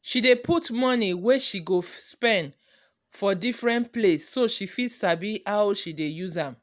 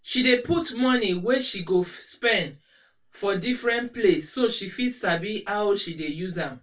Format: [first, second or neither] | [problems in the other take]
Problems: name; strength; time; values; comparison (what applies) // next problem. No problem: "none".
first | room echo; dies away in 0.1 s